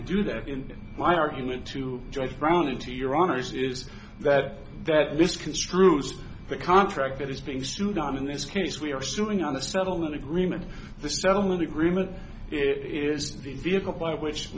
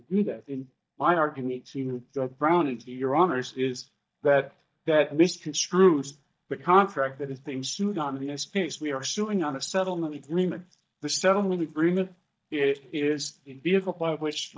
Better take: first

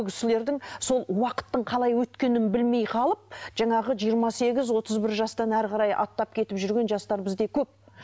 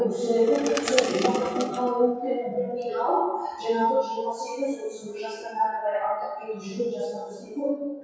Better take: first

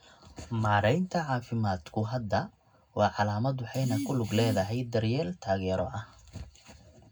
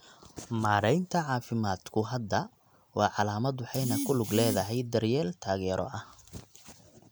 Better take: second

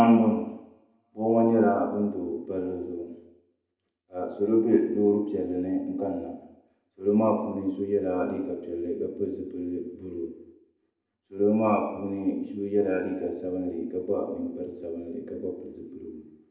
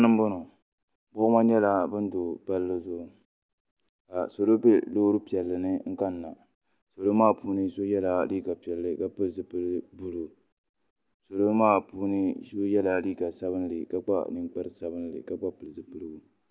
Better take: second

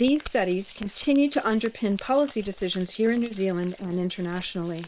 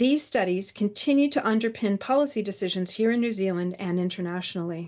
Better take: second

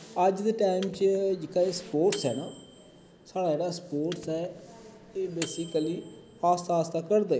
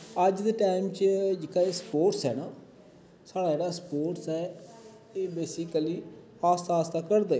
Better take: second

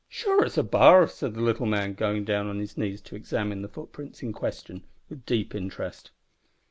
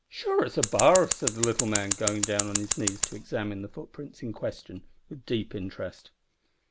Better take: first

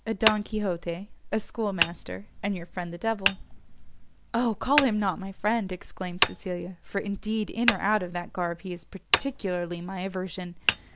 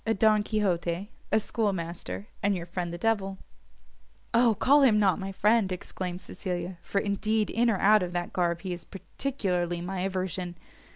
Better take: second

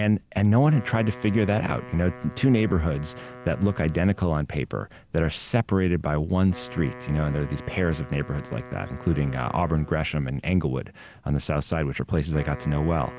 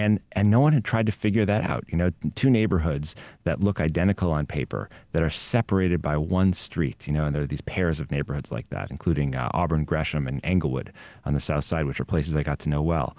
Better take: second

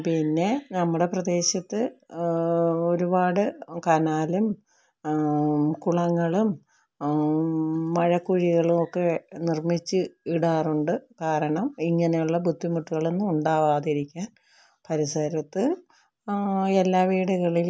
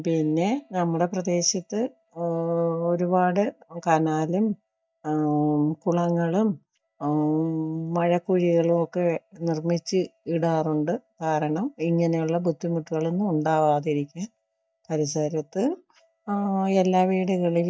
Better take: first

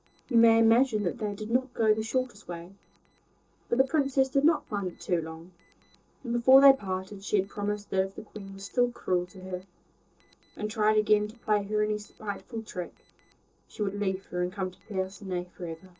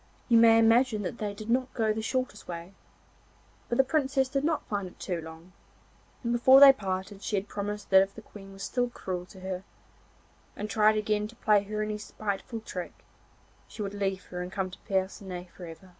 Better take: second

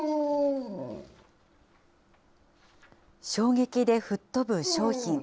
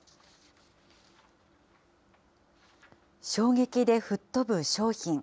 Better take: second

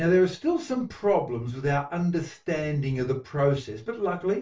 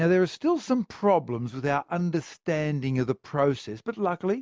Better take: second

